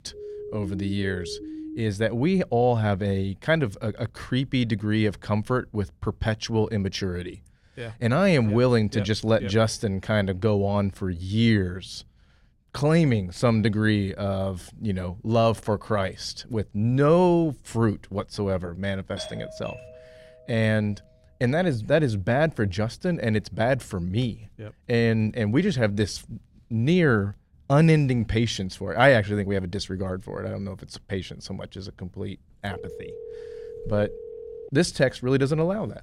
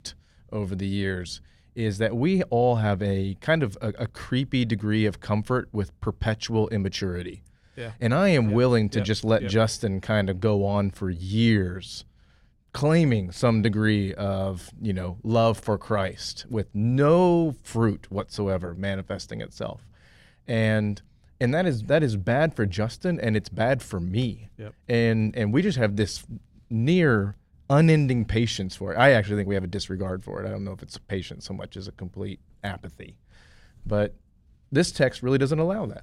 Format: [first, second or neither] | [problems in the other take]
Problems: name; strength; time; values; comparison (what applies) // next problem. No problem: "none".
second | siren; faint; until 2 s; peak 10 dB below the speech // doorbell; faint; from 19 to 21 s; peak 15 dB below the speech // phone ringing; faint; from 33 to 35 s; peak 15 dB below the speech